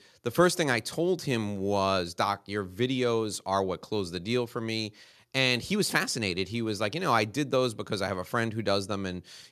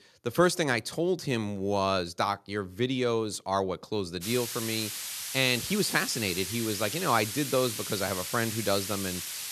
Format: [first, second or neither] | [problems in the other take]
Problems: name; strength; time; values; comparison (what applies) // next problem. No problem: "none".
first | hiss; loud; from 4 s on; 5 dB below the speech